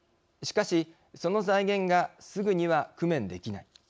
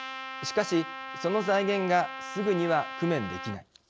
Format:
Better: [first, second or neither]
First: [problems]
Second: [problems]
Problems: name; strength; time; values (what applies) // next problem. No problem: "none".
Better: first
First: none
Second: background sound (Trumpet); 10 dB below the speech